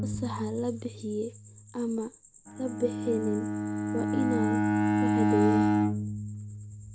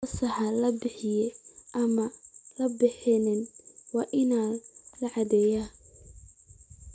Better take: second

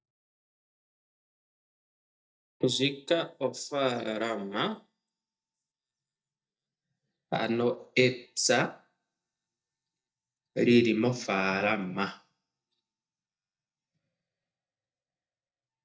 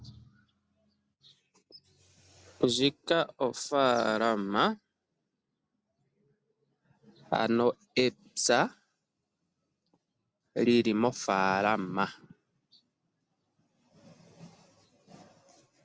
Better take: second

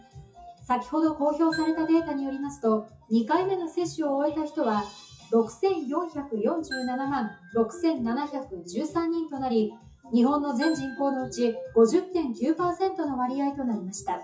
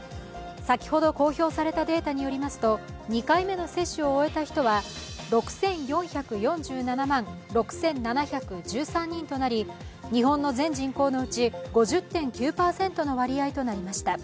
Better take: second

